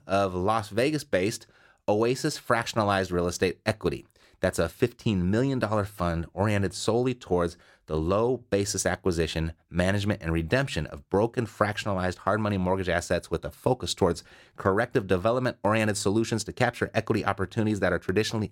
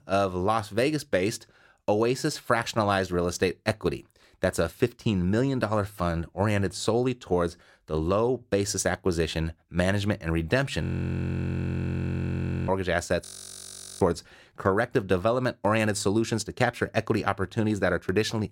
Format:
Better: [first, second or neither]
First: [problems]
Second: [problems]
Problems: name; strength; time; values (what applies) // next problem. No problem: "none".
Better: first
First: none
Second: audio freezing; at 11 s for 2 s and at 13 s for 1 s